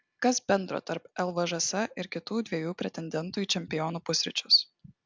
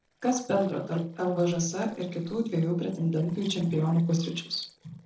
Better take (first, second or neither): first